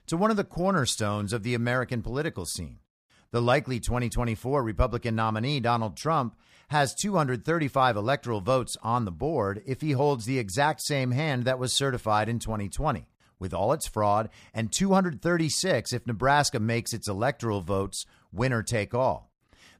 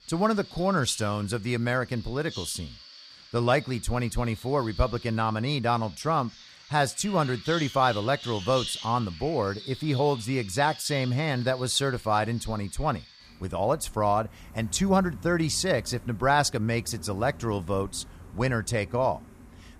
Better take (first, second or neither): first